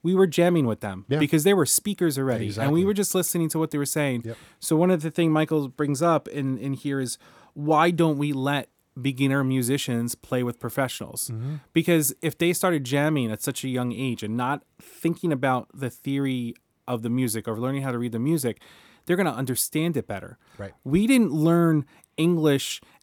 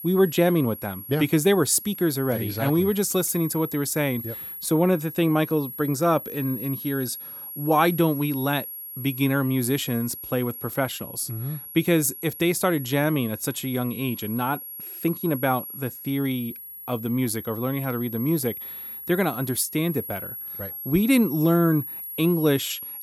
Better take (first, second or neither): first